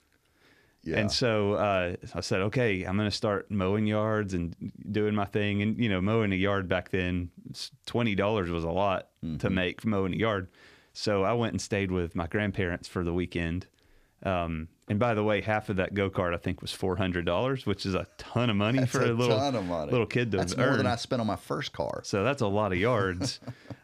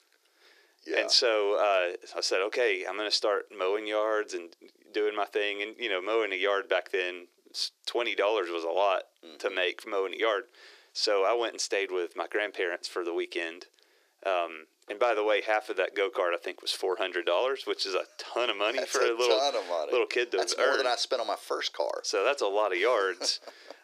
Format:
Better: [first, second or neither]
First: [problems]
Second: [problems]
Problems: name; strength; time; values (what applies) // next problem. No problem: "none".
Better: first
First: none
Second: thin; very; fading below 350 Hz